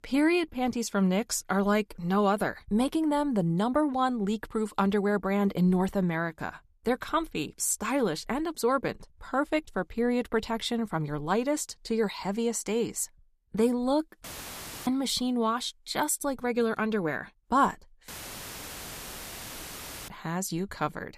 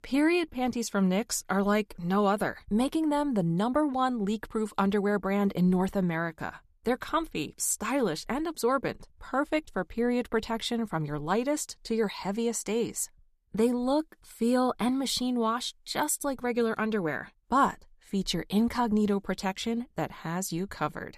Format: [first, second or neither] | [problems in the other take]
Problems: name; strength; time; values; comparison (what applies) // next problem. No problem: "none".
second | audio cutting out; filled with static; at 14 s for 0.5 s and at 18 s for 2 s